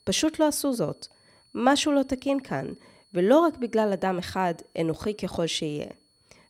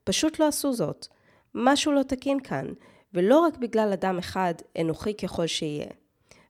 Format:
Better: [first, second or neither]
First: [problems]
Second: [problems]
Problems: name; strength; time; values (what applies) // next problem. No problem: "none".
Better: second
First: high-pitched whine; faint; throughout; 4.5 kHz, 35 dB below the speech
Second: none